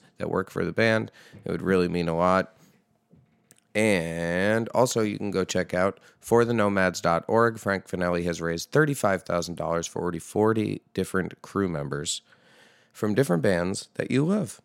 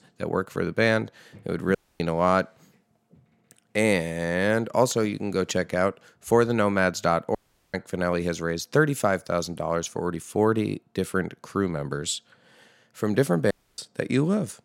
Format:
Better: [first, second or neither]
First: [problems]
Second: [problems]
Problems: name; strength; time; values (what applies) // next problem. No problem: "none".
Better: first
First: none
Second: audio cutting out; at 2 s, at 7.5 s and at 14 s